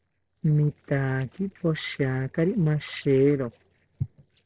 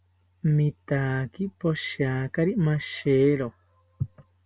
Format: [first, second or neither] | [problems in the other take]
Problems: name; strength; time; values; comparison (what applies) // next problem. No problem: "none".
second | noise reduction (neural separator model SepFormer DNS4)